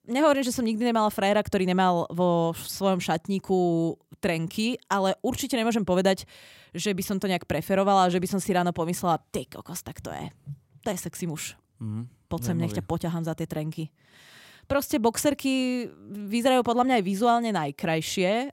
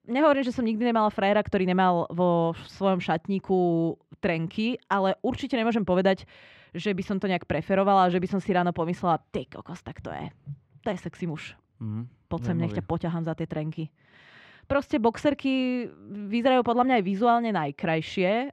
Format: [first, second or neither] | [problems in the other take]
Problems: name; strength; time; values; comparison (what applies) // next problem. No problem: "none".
first | muffled; slightly; fading above 2.5 kHz